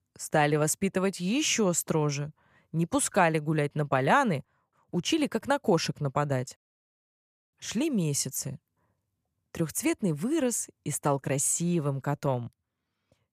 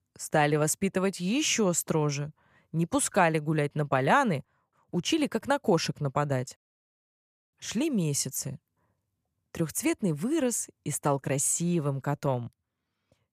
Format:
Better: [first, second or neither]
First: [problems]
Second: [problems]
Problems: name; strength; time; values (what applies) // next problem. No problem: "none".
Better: neither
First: none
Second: none